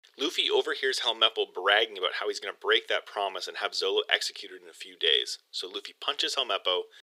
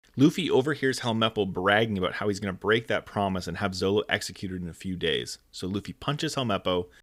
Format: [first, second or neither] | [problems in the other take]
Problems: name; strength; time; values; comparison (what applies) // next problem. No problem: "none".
second | thin; very; fading below 400 Hz